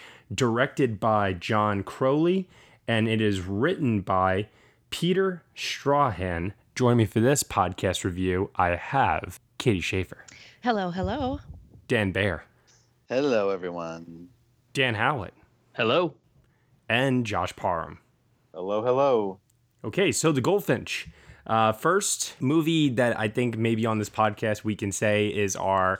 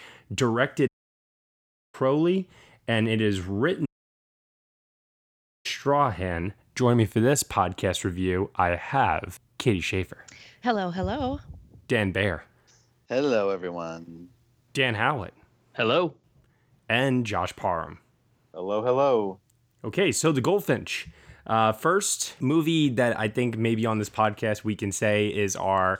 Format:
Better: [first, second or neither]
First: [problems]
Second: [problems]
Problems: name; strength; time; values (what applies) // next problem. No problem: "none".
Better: first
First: none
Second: audio cutting out; at 1 s for 1 s and at 4 s for 2 s